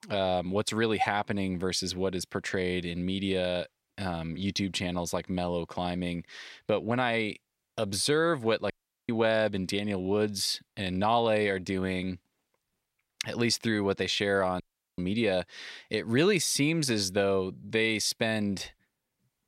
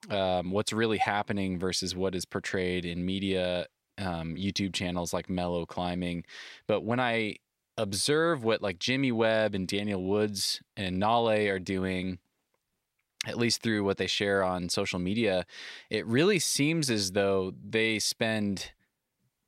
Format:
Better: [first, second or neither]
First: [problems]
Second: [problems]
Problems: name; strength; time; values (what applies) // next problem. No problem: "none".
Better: second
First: audio cutting out; at 8.5 s and at 15 s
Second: none